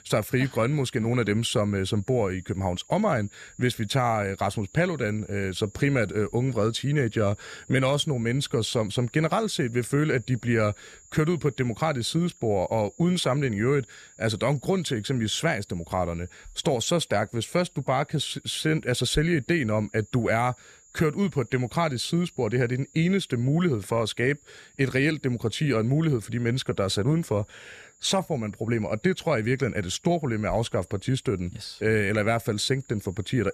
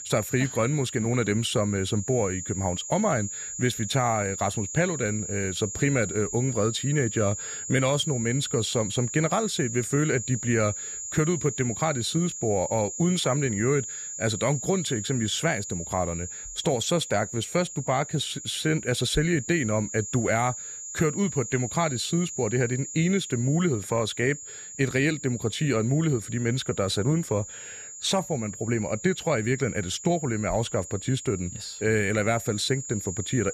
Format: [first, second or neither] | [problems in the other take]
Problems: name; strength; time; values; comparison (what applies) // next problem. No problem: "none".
first | high-pitched whine; loud; throughout; 7 kHz, 8 dB below the speech; faint in the first